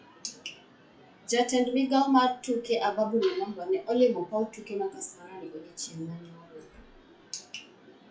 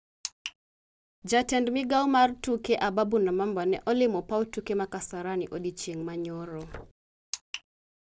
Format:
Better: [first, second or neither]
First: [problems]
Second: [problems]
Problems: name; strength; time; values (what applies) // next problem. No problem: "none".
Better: second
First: noise reduction (classical method WPE with log-MMSE)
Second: none